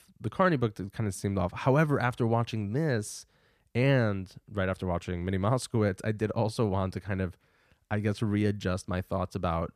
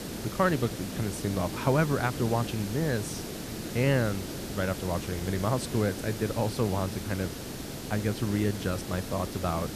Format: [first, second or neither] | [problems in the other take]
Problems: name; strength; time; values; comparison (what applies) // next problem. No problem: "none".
first | hiss; loud; throughout; 7 dB below the speech